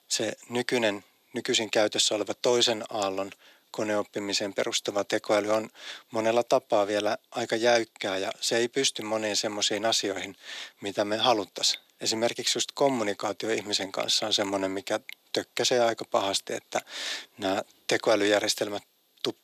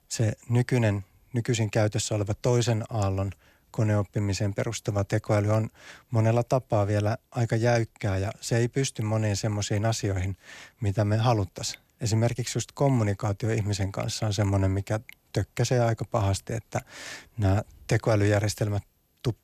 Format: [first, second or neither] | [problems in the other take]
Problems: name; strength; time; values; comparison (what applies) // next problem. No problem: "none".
second | thin; very; fading below 300 Hz